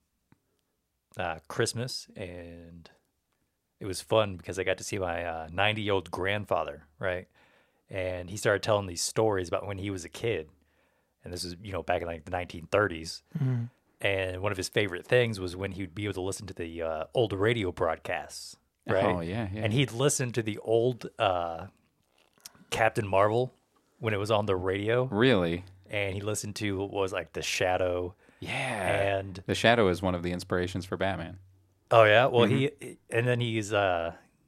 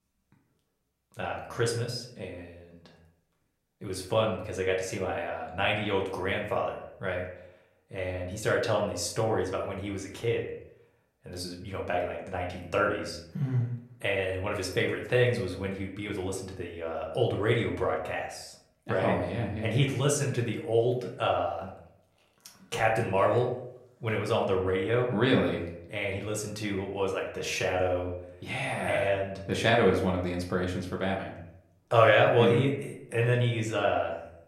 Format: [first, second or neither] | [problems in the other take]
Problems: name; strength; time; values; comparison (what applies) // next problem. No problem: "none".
first | room echo; slight; dies away in 0.6 s // off-mic speech; somewhat distant